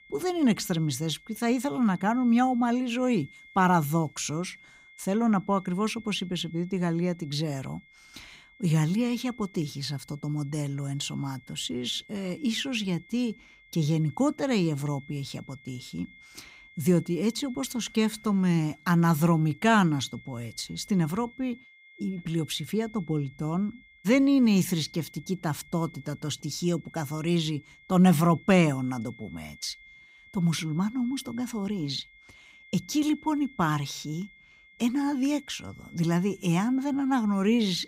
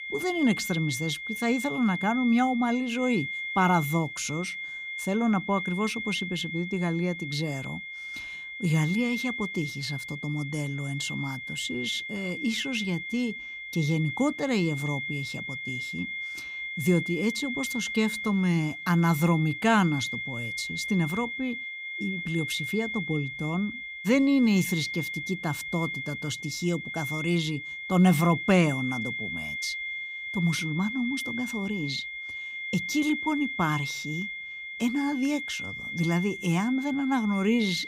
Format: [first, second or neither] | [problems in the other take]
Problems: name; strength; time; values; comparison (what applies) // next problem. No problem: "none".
first | high-pitched whine; loud; throughout; 2 kHz, 5 dB below the speech; faint in the first